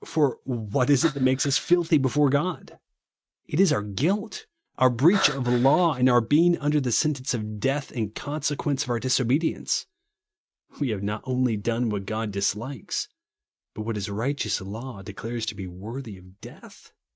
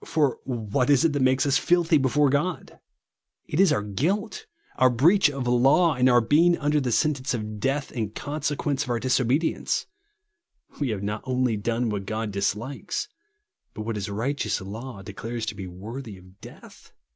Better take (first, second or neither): second